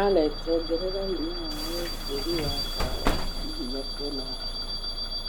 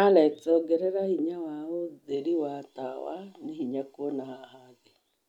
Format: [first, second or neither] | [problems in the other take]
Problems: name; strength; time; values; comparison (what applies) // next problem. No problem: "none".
second | background sound (Bus / Alarm); as loud as the speech